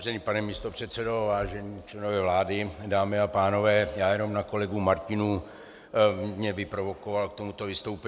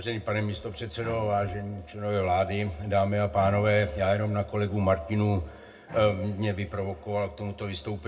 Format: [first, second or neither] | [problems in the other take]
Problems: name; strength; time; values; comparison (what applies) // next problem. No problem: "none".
first | background sound (Bowed string instrument); 20 dB below the speech // room echo; dies away in 0.2 s